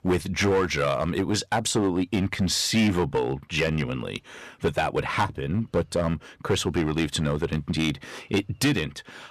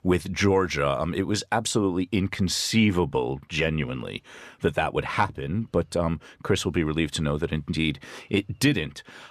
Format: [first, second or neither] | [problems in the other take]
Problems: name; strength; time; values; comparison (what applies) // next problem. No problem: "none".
second | distortion; slight; 6% of the sound clipped